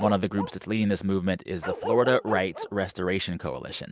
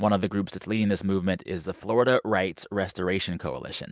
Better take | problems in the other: second | background sound (Bark); 11 dB below the speech

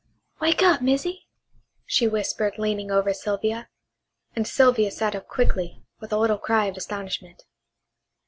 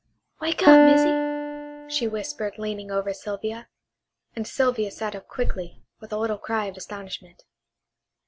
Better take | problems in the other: first | background sound (Piano); 5 dB above the speech

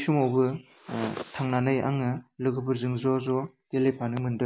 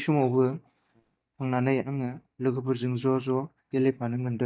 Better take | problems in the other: first | noise reduction (neural mask model DeepFilterNet 3)

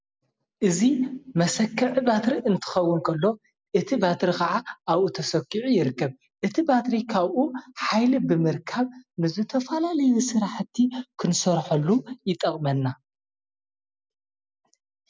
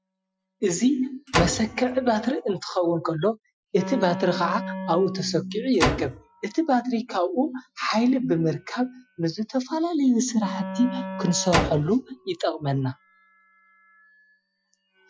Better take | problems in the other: first | noise reduction (classical method Wiener filter)

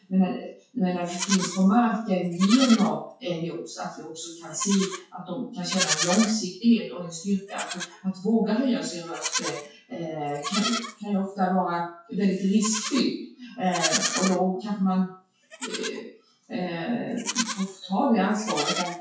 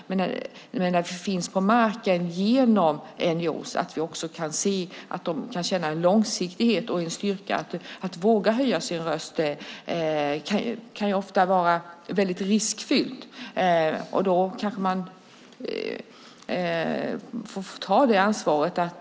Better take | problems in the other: second | noise reduction (classical method WPE with log-MMSE)

